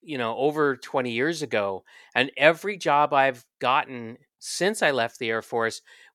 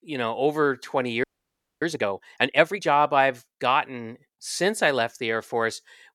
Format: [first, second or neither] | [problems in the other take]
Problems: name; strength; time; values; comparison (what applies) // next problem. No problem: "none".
first | audio freezing; at 1 s for 0.5 s